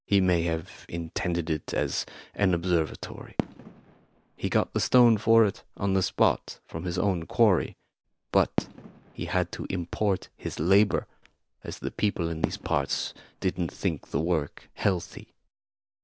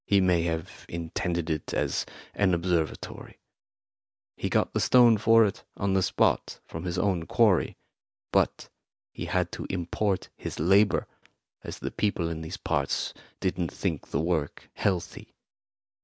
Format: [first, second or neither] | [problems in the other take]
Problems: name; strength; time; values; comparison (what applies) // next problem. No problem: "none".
second | background sound (Fireworks); 14 dB below the speech